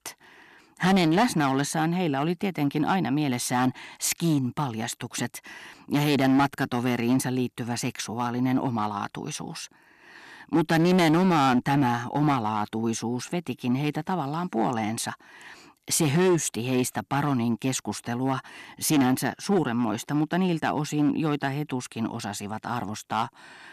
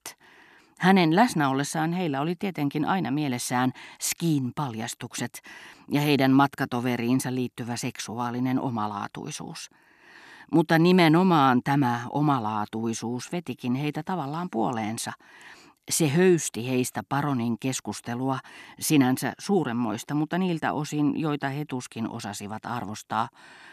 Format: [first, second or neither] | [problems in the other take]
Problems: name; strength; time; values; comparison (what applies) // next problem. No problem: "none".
second | distortion; slight; 5% of the sound clipped